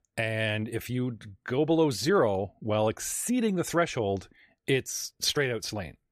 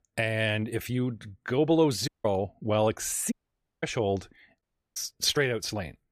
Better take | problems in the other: first | audio cutting out; at 2 s, at 3.5 s for 0.5 s and at 4.5 s

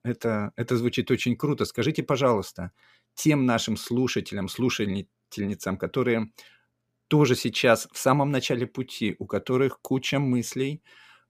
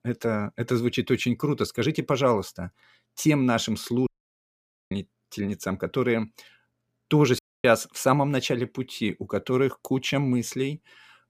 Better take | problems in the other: first | audio cutting out; at 4 s for 1 s and at 7.5 s

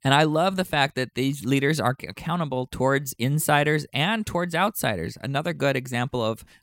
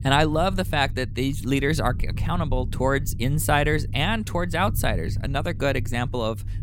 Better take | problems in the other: first | low rumble; faint; throughout; 20 dB below the speech

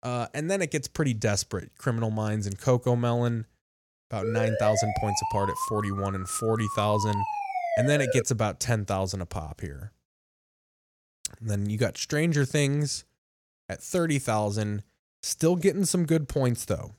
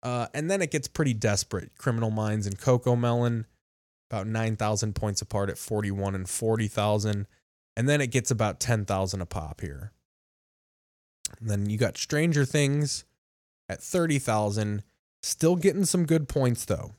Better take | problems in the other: second | siren; loud; from 4 to 8 s; peak level with the speech

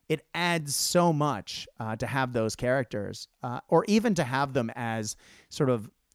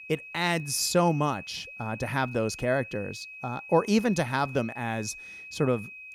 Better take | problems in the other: first | high-pitched whine; noticeable; throughout; 2.5 kHz, 15 dB below the speech

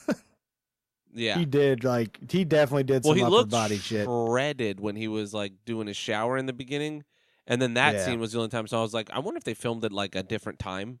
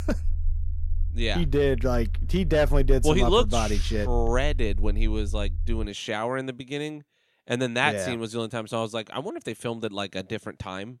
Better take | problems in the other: first | low rumble; faint; until 6 s; 25 dB below the speech

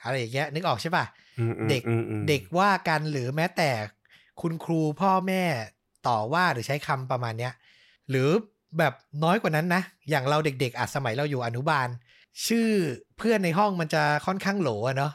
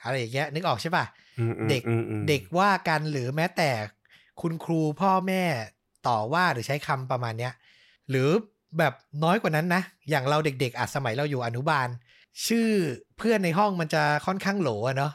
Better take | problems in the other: neither | none

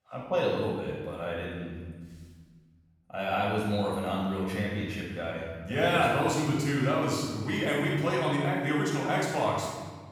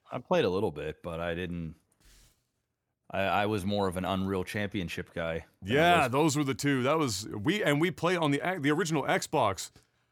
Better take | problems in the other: second | room echo; strong; dies away in 1.3 s // off-mic speech; far

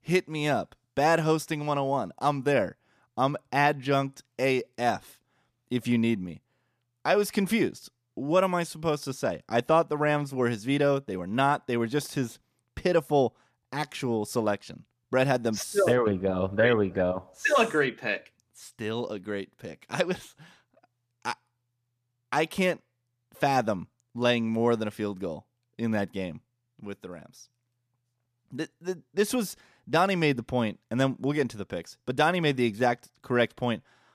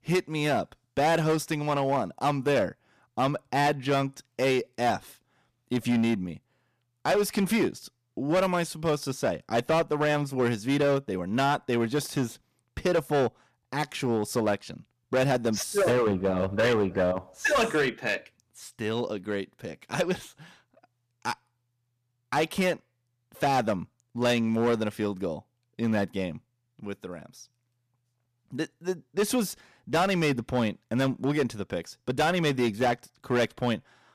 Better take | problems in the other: first | distortion; slight; 7% of the sound clipped

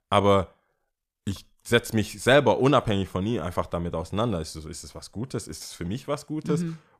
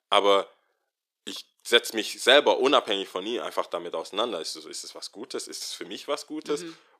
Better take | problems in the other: first | thin; somewhat; fading below 350 Hz

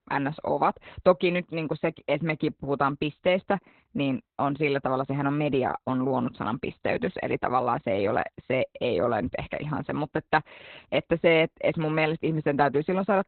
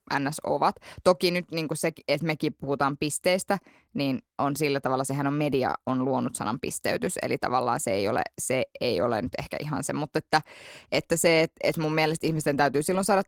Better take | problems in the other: second | garbled, watery; badly; nothing above 4 kHz; slightly in the second

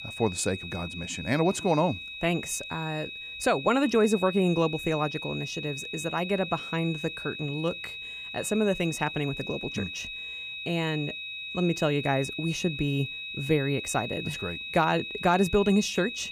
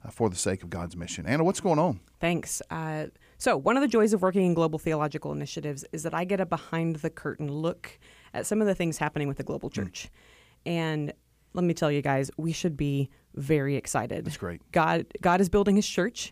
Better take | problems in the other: second | high-pitched whine; loud; throughout; 2.5 kHz, 7 dB below the speech

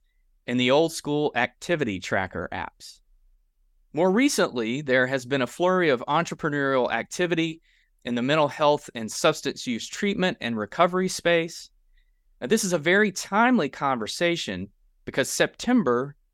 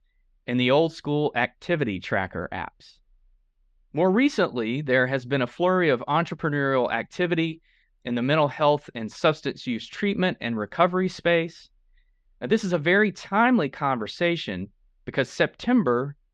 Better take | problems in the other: first | muffled; slightly; fading above 4 kHz

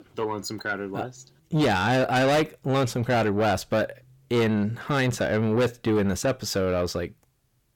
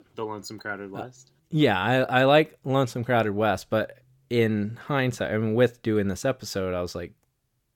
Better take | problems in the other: second | distortion; heavy; 8 dB below the speech

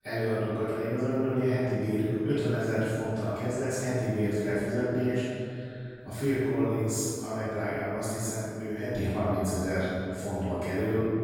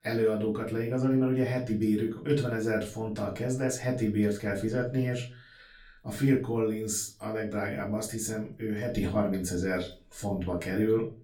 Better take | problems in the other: second | room echo; strong; dies away in 2.4 s; slight in the second // off-mic speech; far; far in the second

